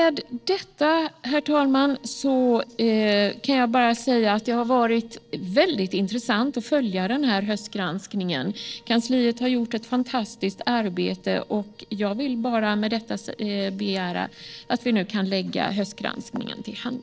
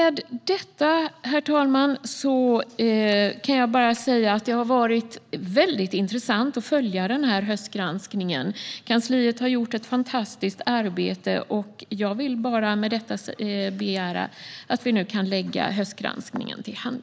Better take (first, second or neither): second